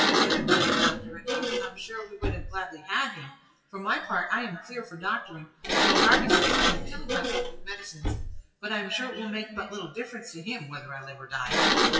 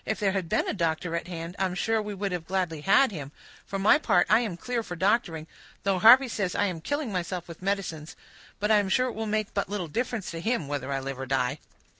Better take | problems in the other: second | noise reduction (classical method WPE with log-MMSE)

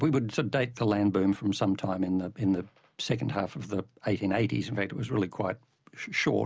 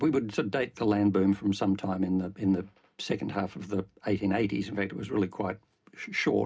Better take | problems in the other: first | room echo; dies away in 0.3 s

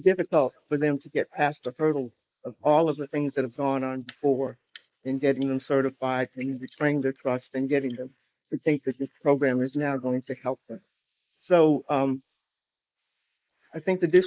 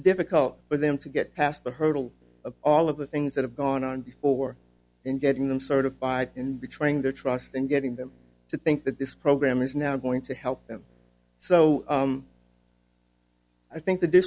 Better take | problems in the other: second | noise reduction (neural mask model Resemble Enhance denoiser)

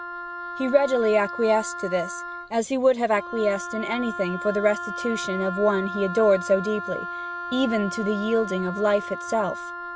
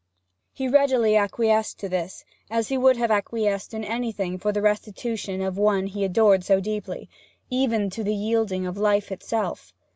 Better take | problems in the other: second | background sound (Wind instrument, woodwind instrument); 9 dB below the speech

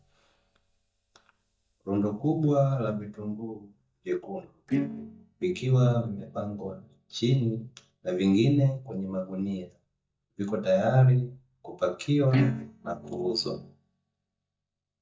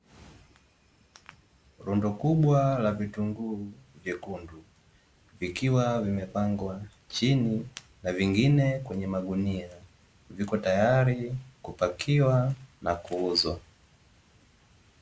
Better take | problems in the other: second | noise reduction (neural mask model DeepFilterNet 3)

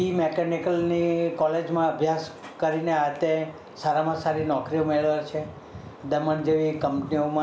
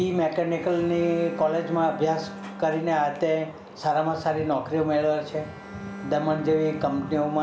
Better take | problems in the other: first | background sound (Bowed string instrument); 16 dB below the speech

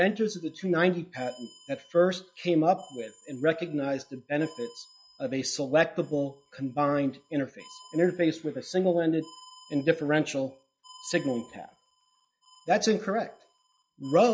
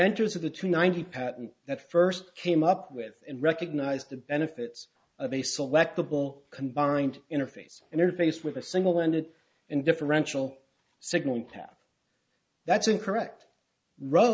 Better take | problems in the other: second | noise reduction (classical method log-MMSE)

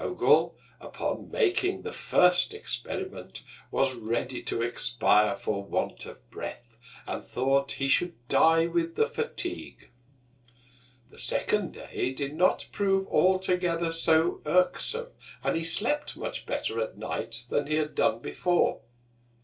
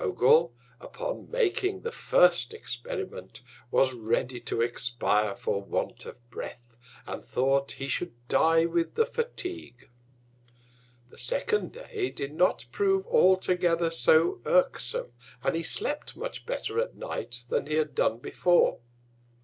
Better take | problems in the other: second | room echo; dies away in 0.2 s

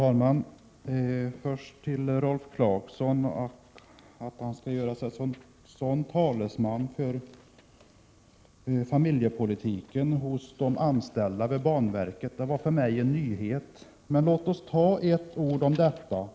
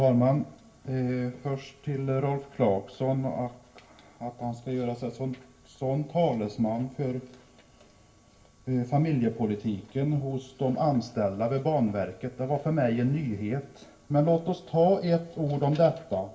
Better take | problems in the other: first | room echo; dies away in 0.2 s

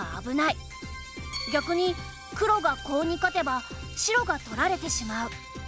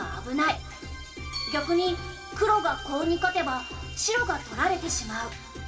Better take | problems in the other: first | room echo; dies away in 2.4 s

